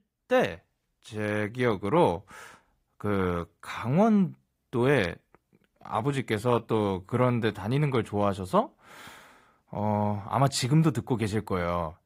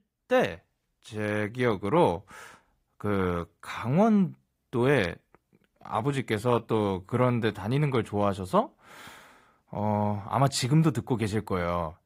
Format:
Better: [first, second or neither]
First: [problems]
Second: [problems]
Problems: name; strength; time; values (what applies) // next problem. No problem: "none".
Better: neither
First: garbled, watery; slightly; nothing above 15.5 kHz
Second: garbled, watery; slightly; nothing above 15.5 kHz